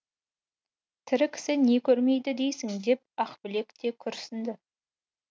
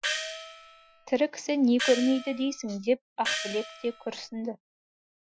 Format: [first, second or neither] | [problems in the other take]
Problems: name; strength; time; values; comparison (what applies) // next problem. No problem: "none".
first | noise reduction (classical method Wiener filter)